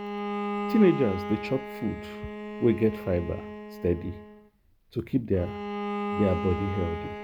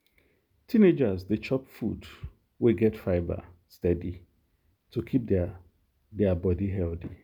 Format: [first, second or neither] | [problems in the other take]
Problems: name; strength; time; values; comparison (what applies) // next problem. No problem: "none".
second | background sound (Bowed string instrument); 6 dB below the speech